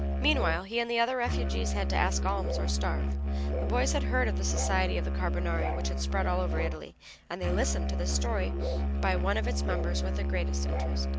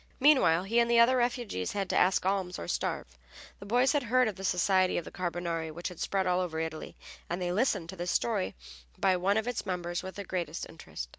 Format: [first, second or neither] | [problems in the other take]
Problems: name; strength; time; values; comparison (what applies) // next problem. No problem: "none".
second | background sound (Musical instrument); 4 dB above the speech